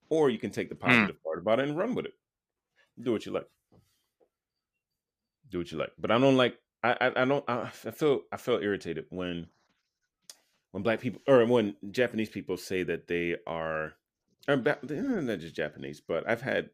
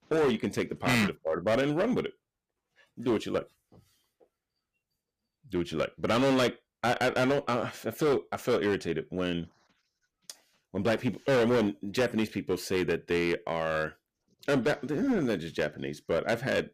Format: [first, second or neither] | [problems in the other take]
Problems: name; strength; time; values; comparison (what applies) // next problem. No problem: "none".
first | distortion; heavy; 9% of the sound clipped